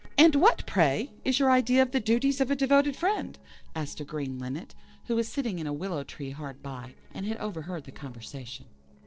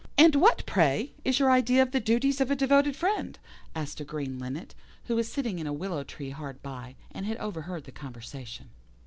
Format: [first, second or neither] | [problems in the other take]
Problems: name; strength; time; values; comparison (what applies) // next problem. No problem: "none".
second | noise reduction (neural separator model SepFormer DNS4)